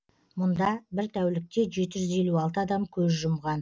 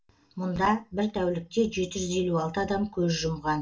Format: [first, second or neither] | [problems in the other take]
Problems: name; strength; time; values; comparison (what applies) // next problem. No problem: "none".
first | room echo; dies away in 0.2 s